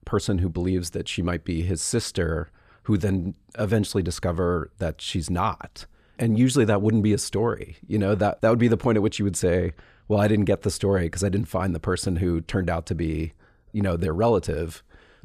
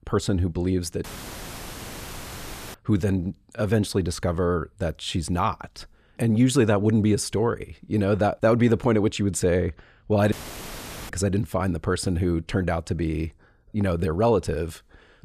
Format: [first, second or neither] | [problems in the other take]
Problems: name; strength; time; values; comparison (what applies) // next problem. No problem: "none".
first | audio cutting out; filled with static; at 1 s for 1.5 s and at 10 s for 1 s